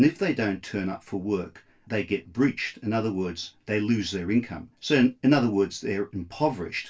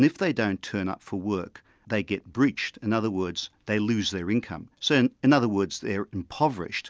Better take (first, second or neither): second